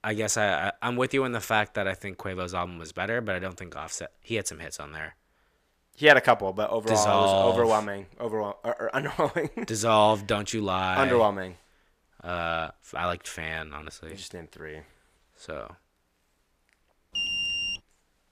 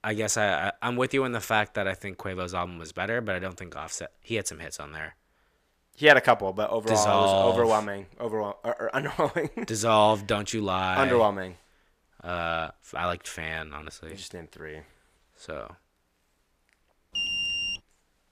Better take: neither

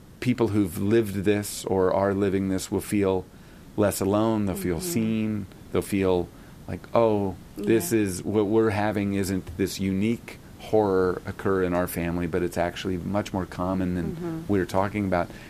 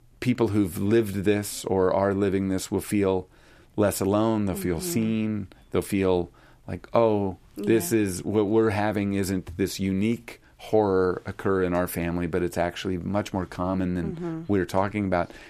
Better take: second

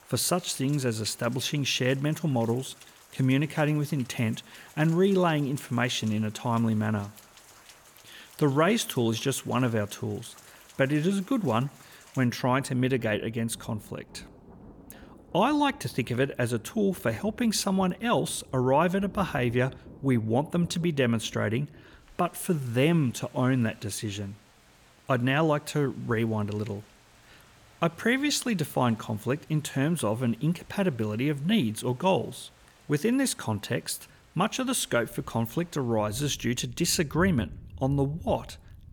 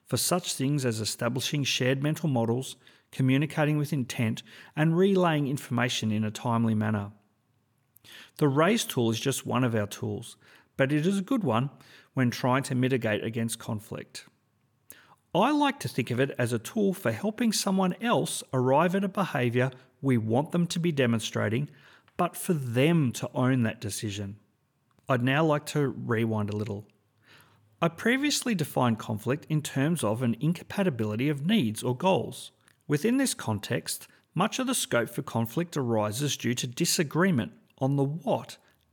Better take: second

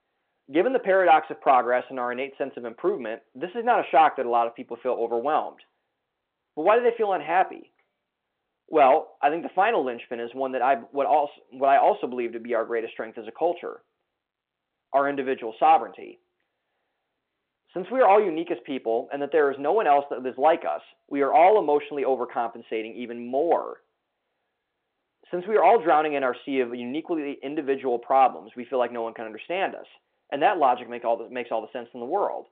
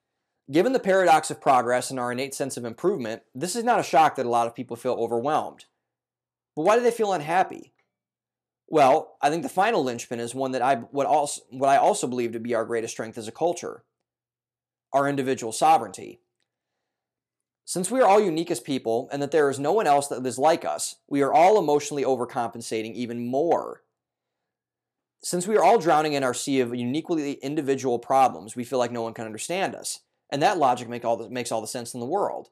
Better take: second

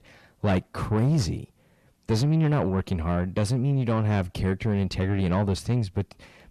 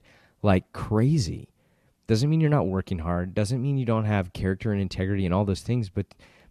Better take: second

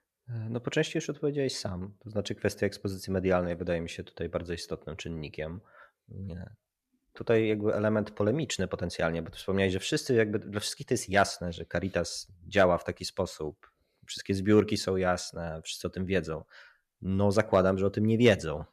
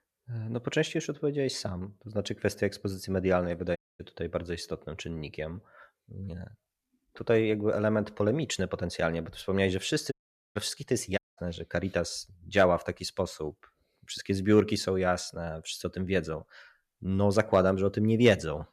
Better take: first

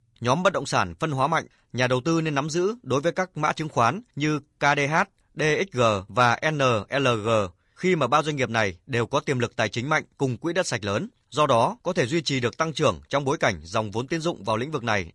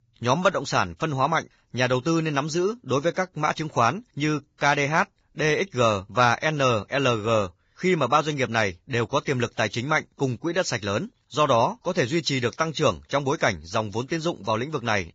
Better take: first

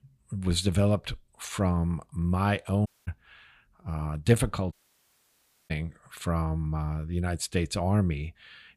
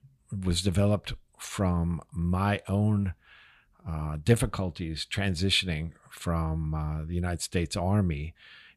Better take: second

